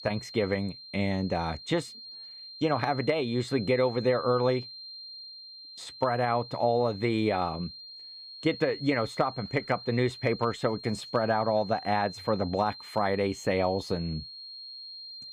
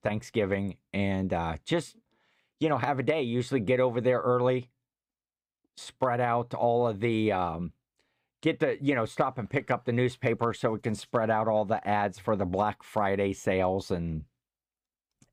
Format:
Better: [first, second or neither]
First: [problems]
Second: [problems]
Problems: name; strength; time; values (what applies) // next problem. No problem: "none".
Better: second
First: high-pitched whine; noticeable; throughout; 4 kHz, 15 dB below the speech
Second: none